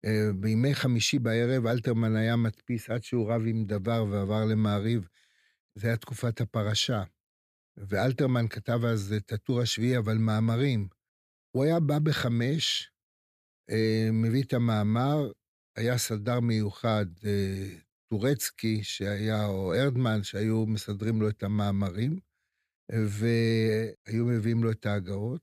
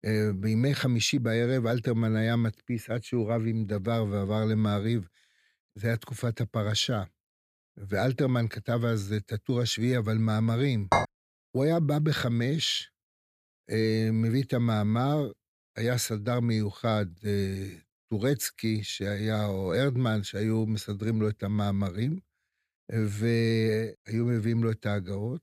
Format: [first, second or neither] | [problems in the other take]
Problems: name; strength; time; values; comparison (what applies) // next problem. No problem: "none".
first | clattering dishes; loud; at 11 s; peak 1 dB above the speech